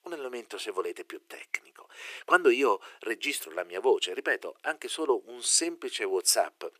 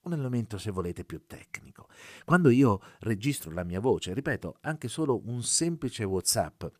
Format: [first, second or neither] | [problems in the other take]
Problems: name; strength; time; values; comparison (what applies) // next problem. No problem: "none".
second | thin; very; fading below 350 Hz